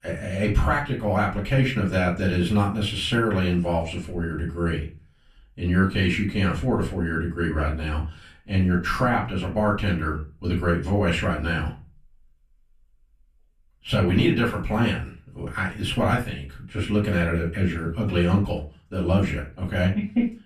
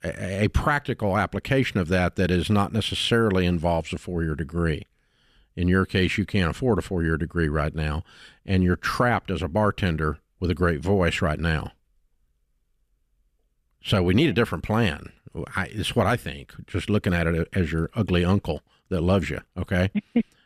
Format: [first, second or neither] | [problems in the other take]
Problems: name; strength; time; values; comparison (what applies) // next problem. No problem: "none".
second | room echo; slight; dies away in 0.3 s // off-mic speech; far